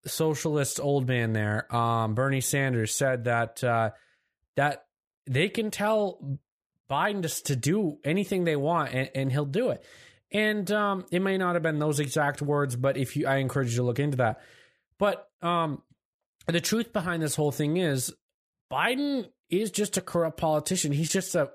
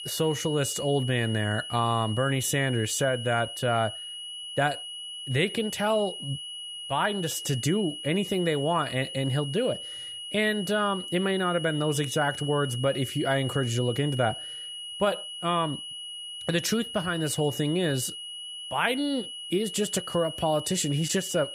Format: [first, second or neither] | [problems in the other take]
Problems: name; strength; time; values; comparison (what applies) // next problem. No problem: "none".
first | high-pitched whine; loud; throughout; 3 kHz, 8 dB below the speech